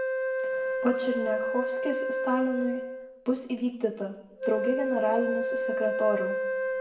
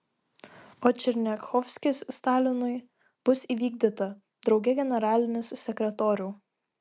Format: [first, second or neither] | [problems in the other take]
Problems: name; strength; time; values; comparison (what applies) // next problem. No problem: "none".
second | background sound (Wind instrument, woodwind instrument); as loud as the speech // room echo; dies away in 0.9 s